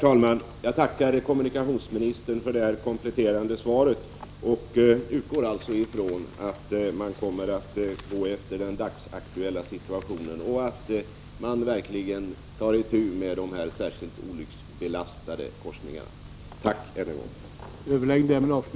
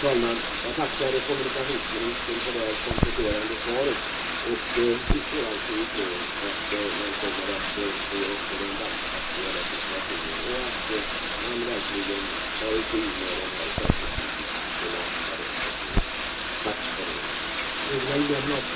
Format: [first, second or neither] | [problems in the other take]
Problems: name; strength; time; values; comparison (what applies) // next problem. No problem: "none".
first | background sound (Bathtub (filling or washing)); 2 dB above the speech // room echo; dies away in 0.2 s